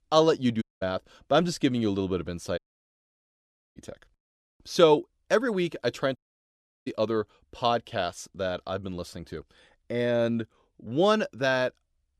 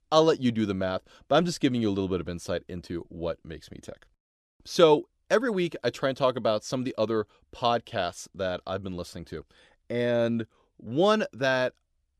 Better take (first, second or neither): second